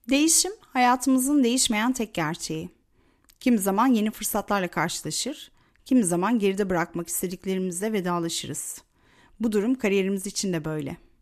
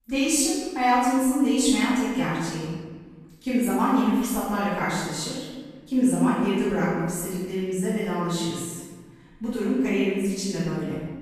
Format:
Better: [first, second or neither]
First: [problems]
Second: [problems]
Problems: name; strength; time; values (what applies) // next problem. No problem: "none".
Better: first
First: none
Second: off-mic speech; far // room echo; strong; dies away in 1.3 s